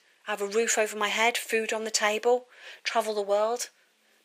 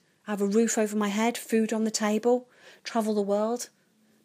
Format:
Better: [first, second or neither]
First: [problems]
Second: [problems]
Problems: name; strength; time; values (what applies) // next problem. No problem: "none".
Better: second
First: thin; very; fading below 600 Hz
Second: none